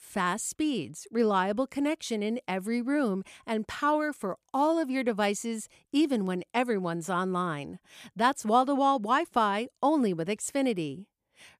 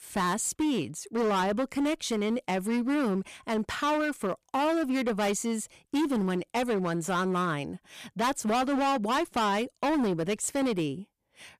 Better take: first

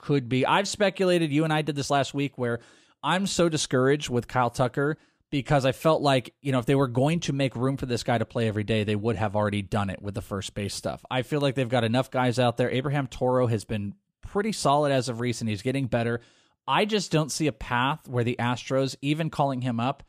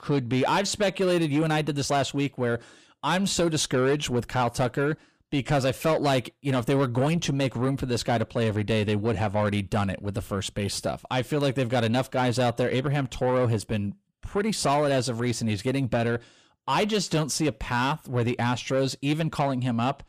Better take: first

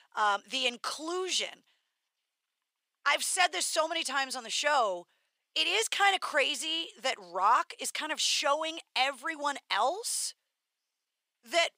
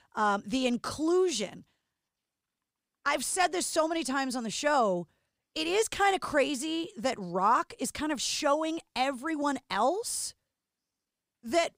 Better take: second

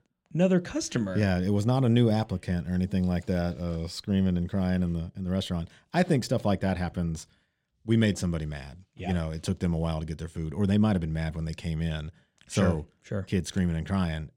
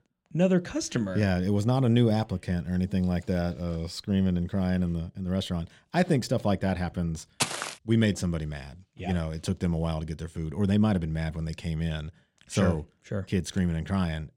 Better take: first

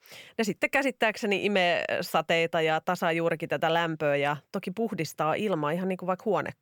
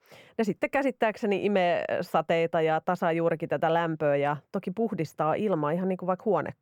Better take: first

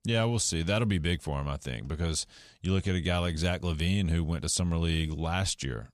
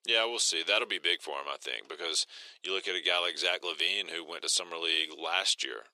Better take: first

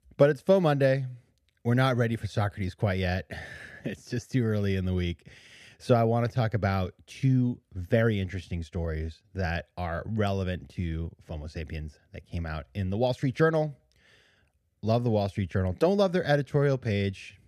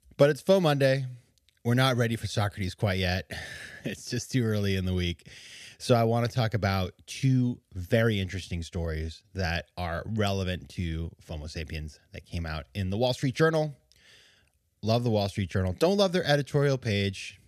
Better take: second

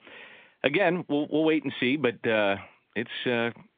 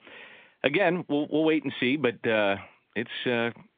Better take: neither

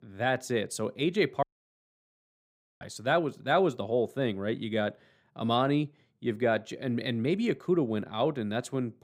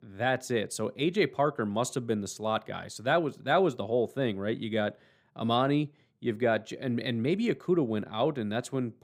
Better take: second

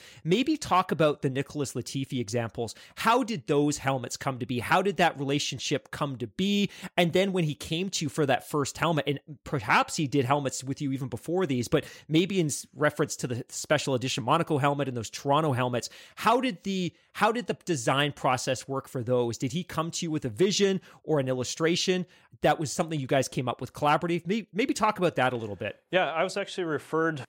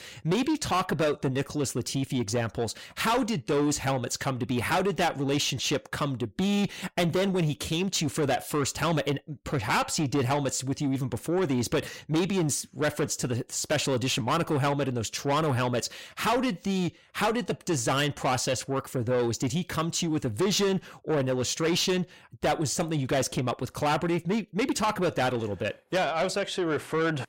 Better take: first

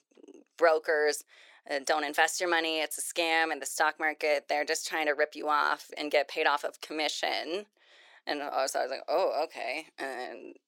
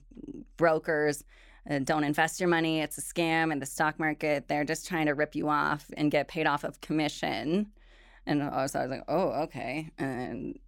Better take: second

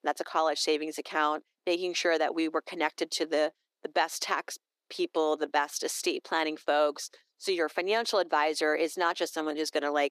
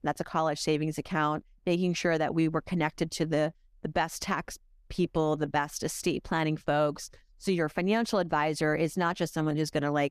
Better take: second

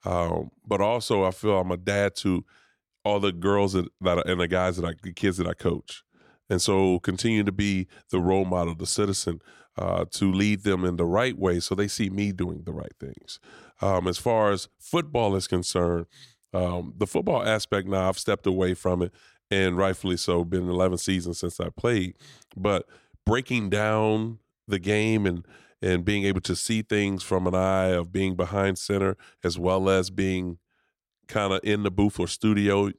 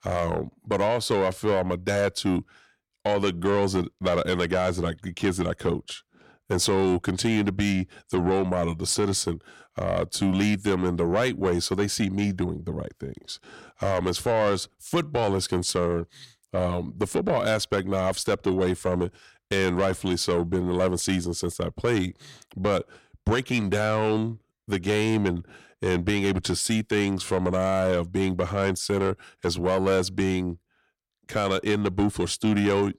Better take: first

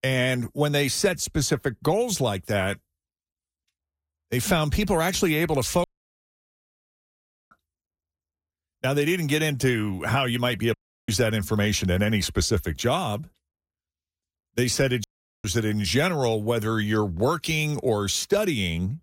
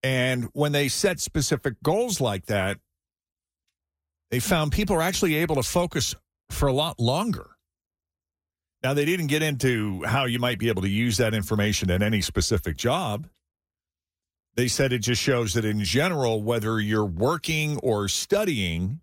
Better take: second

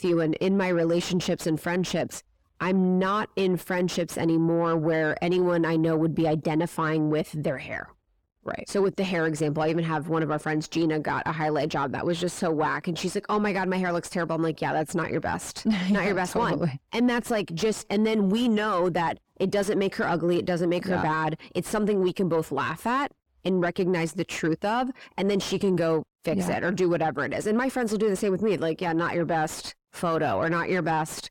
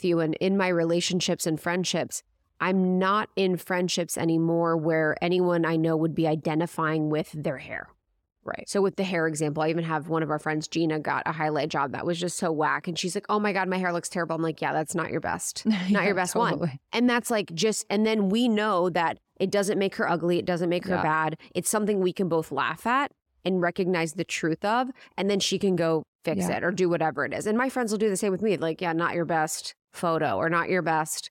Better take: second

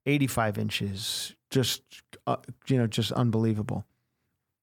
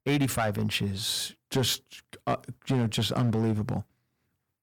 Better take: first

